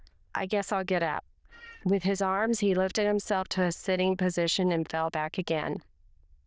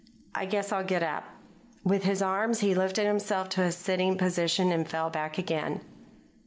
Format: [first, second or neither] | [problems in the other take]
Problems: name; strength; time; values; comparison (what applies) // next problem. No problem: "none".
second | noise reduction (neural diffusion model UNIVERSE++)